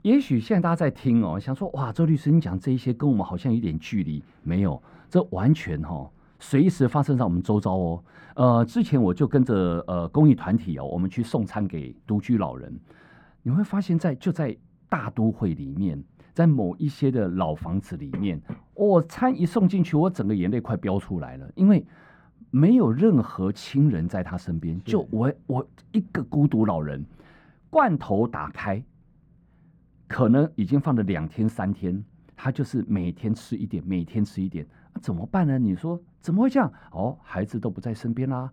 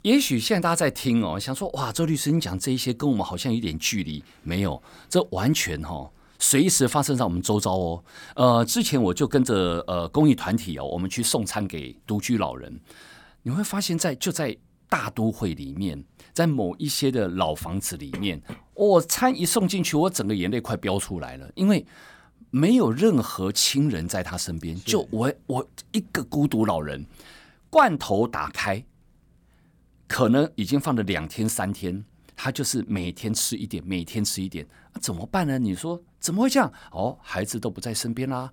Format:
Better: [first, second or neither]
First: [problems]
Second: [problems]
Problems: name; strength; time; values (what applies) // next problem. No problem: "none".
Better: second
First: muffled; very; fading above 3.5 kHz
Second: none